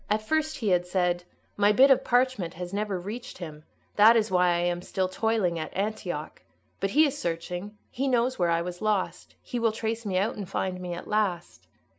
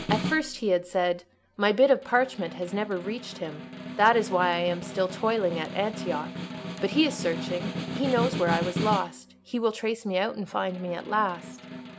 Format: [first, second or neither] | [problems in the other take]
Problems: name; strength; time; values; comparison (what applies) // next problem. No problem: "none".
first | background sound (Snare drum); 8 dB below the speech